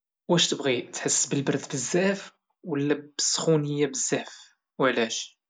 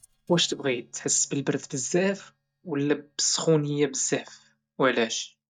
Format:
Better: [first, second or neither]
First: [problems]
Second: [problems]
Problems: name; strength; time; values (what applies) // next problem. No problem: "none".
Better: first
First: none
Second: noise reduction (neural mask model DeepFilterNet 3)